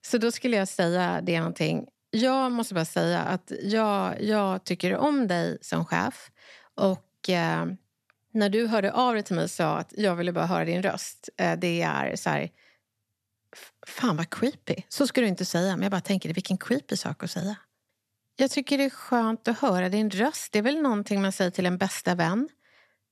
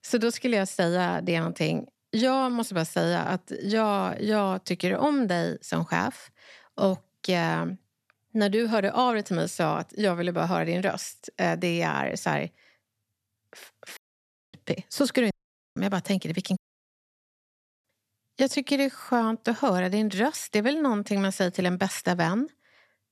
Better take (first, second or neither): first